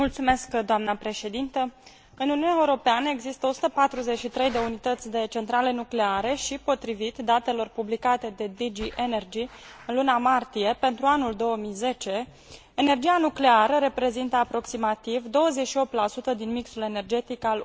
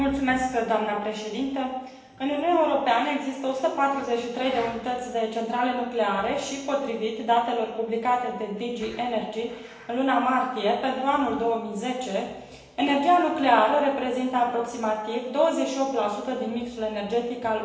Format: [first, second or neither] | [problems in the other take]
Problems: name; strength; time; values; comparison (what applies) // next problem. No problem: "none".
first | room echo; dies away in 0.9 s